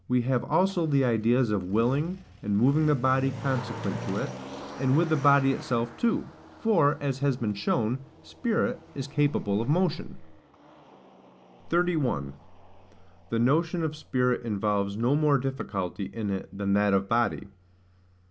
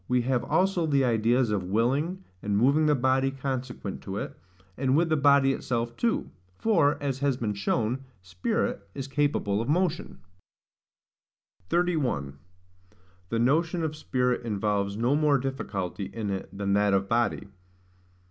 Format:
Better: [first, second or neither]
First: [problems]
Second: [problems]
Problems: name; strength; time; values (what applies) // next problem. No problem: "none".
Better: second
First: background sound (Motor vehicle (road)); 18 dB below the speech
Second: none